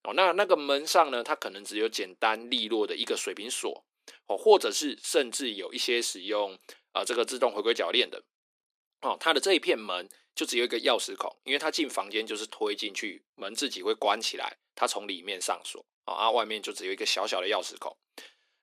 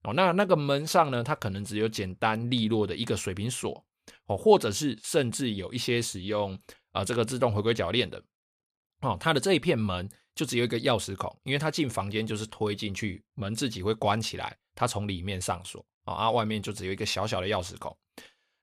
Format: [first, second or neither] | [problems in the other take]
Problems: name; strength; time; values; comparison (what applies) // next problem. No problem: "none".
second | thin; somewhat; fading below 300 Hz